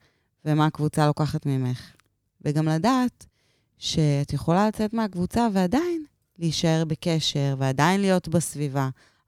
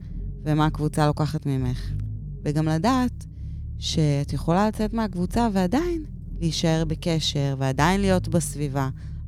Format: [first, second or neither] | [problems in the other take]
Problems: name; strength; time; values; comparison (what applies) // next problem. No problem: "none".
first | low rumble; faint; throughout; 20 dB below the speech